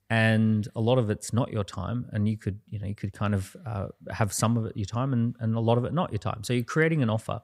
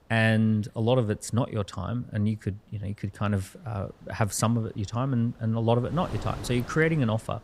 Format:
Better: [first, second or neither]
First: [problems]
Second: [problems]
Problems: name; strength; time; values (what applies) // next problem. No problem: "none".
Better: first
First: none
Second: wind noise on the microphone; occasional gusts; 15 dB below the speech